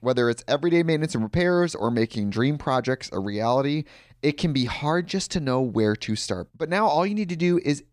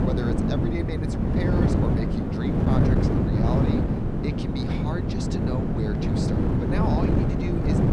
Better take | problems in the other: first | wind noise on the microphone; heavy; 5 dB above the speech

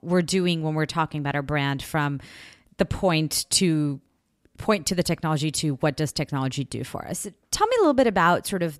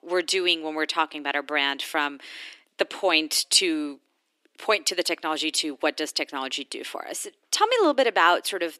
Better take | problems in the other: first | thin; somewhat; fading below 300 Hz

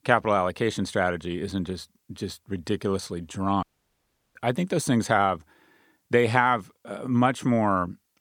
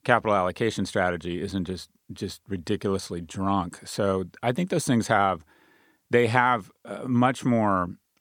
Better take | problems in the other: second | audio cutting out; at 3.5 s for 0.5 s

